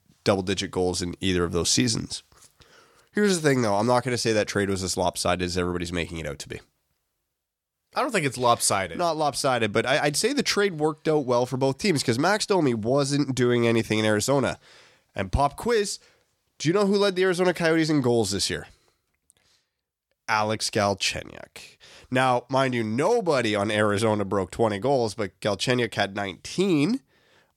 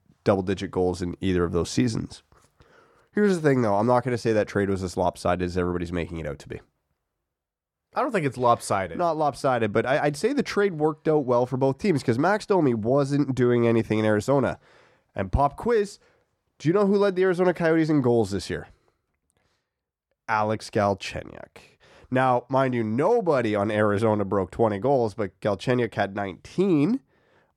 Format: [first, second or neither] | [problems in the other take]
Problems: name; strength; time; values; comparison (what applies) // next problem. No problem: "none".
first | muffled; slightly; fading above 2 kHz